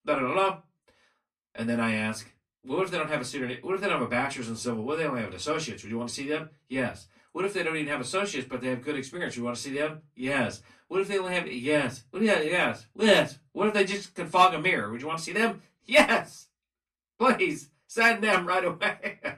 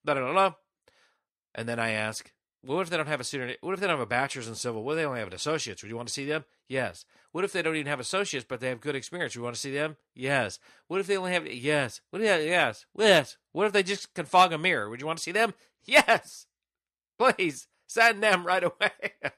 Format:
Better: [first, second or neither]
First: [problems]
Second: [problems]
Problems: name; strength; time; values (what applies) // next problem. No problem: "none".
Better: second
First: off-mic speech; far // room echo; very slight; dies away in 0.2 s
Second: none